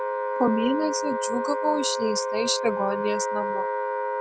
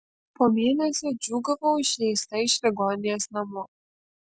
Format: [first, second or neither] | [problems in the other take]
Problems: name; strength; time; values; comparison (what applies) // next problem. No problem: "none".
second | background sound (Wind instrument, woodwind instrument); as loud as the speech